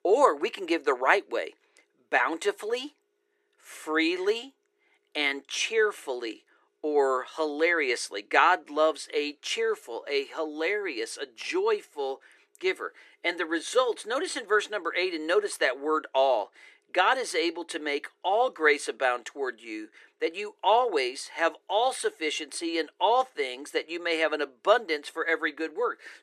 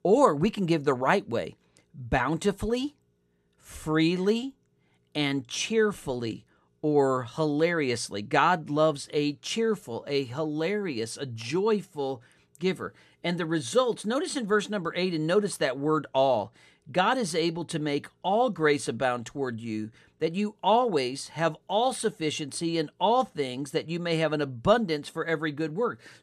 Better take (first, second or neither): second